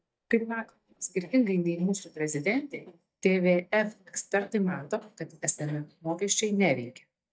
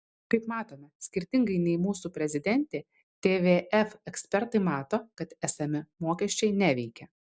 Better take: second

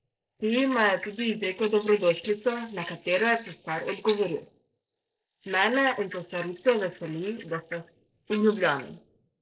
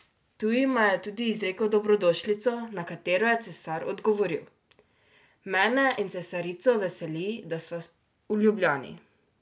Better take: second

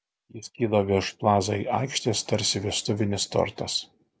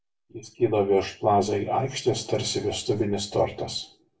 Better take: first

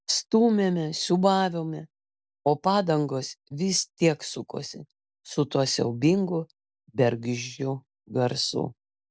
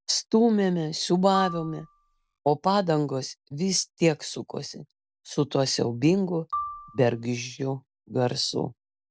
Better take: first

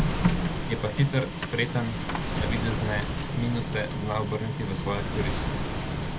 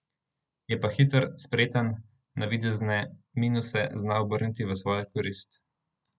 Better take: second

